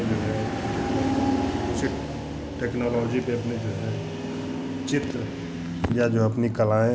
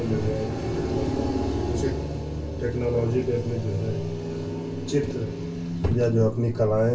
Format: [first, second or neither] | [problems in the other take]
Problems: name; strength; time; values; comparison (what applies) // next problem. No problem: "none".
first | room echo; dies away in 0.2 s